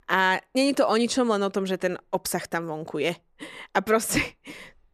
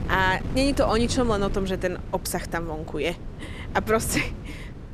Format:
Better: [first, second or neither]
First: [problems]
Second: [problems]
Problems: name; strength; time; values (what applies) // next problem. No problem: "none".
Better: first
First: none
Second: wind noise on the microphone; occasional gusts; 15 dB below the speech